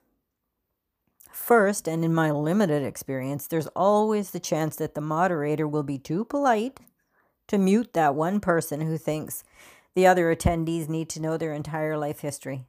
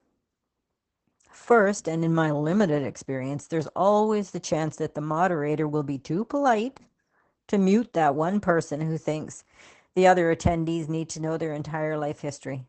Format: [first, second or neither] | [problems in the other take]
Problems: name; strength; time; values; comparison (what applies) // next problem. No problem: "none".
first | garbled, watery; badly; nothing above 8 kHz